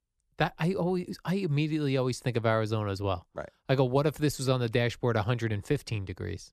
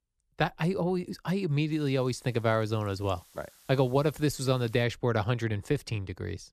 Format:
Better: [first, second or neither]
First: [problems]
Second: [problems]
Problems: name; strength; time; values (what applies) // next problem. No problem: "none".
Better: first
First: none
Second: hiss; faint; from 1.5 to 5 s; 30 dB below the speech